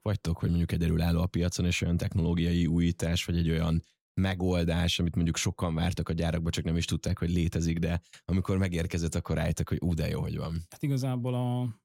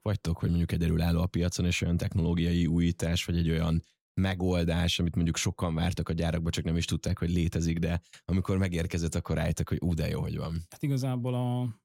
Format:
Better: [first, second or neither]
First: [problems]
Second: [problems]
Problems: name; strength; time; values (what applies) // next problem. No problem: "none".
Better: neither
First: none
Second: none